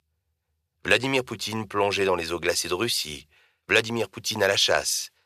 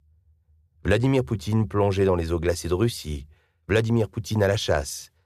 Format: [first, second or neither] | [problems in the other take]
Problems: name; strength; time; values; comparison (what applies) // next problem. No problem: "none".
second | thin; somewhat; fading below 1 kHz